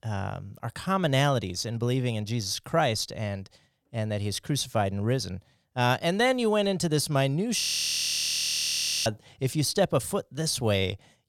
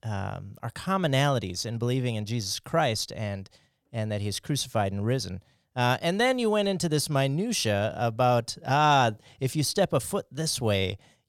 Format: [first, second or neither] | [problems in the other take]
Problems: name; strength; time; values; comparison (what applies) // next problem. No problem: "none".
second | audio freezing; at 7.5 s for 1.5 s